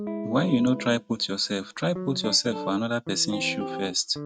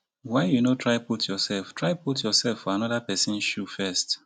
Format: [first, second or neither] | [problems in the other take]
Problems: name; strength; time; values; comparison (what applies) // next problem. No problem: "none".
second | noise reduction (neural mask model RNNoise)